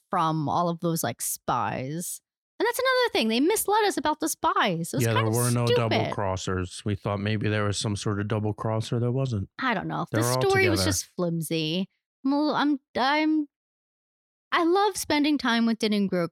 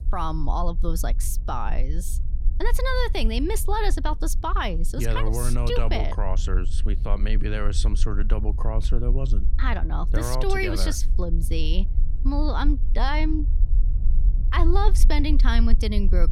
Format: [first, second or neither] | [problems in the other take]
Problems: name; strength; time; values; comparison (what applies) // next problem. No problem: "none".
first | low rumble; noticeable; throughout; 20 dB below the speech